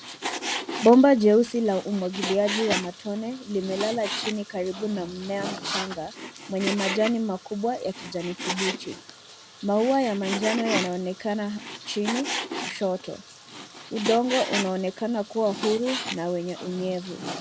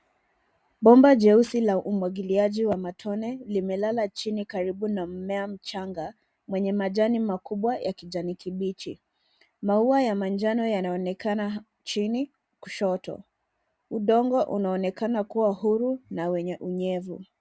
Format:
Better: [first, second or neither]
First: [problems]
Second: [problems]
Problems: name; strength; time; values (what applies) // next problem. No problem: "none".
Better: second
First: background sound (Frying (food)); 8 dB below the speech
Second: none